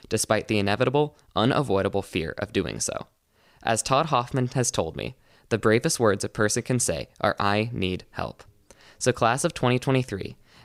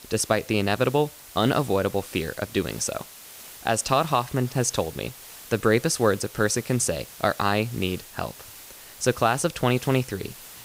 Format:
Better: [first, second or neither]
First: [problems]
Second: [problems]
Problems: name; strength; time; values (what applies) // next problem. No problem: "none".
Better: first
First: none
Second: hiss; noticeable; throughout; 15 dB below the speech